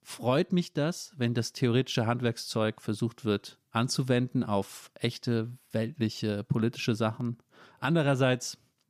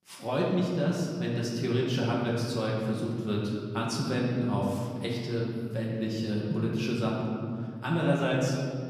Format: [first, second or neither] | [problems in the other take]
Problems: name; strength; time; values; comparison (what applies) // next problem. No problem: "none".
first | room echo; noticeable; dies away in 2.2 s // off-mic speech; far